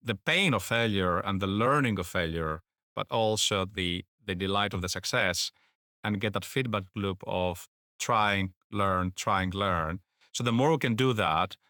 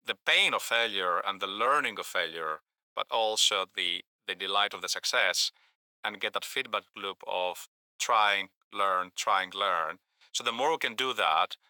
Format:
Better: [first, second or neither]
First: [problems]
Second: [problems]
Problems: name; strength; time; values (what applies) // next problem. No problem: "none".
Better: first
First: none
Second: thin; very; fading below 700 Hz